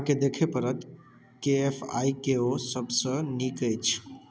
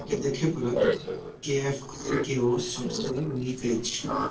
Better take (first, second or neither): first